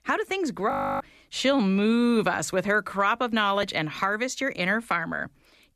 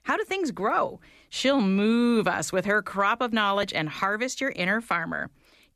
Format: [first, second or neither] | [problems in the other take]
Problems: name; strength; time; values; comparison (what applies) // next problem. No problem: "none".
second | audio freezing; at 0.5 s